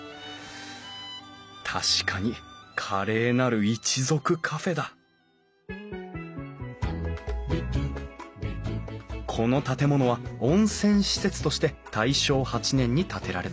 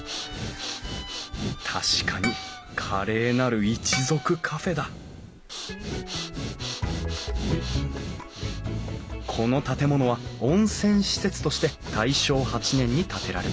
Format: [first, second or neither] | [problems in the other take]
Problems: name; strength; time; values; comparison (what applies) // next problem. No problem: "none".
first | background sound (Breathing + Harp); 9 dB below the speech